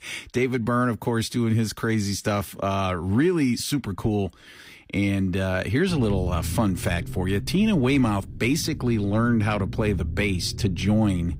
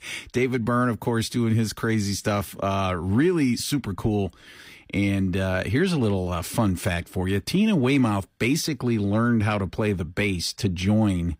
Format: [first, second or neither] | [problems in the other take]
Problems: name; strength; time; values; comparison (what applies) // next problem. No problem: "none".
second | low rumble; noticeable; from 6 s on; 20 dB below the speech